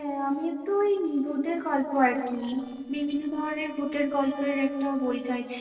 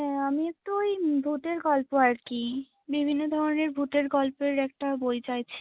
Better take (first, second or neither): second